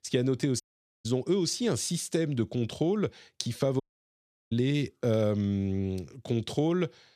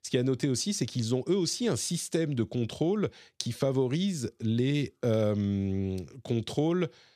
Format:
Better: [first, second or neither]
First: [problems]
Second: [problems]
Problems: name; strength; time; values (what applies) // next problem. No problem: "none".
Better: second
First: audio cutting out; at 0.5 s and at 4 s for 0.5 s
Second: none